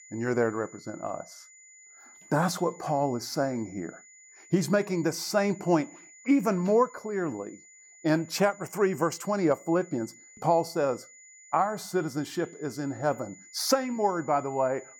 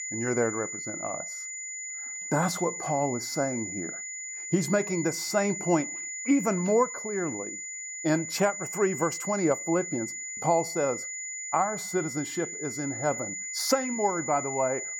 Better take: first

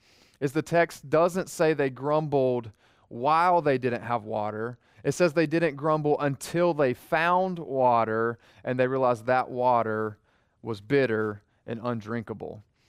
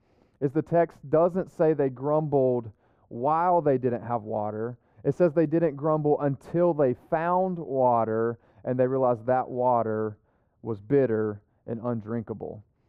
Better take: first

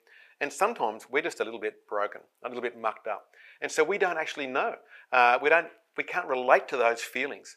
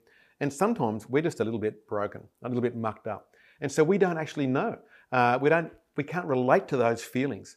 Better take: second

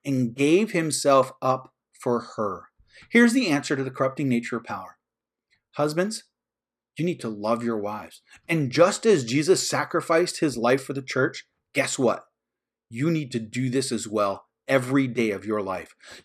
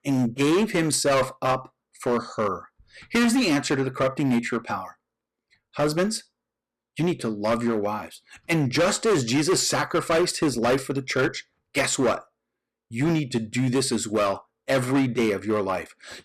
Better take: first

